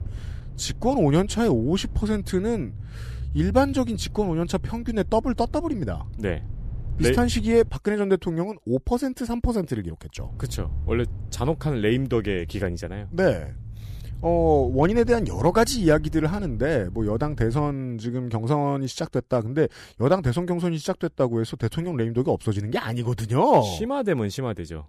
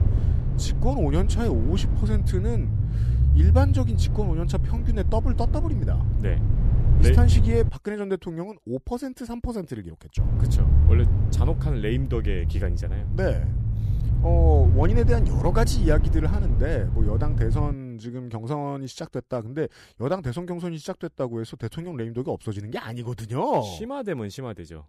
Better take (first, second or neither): first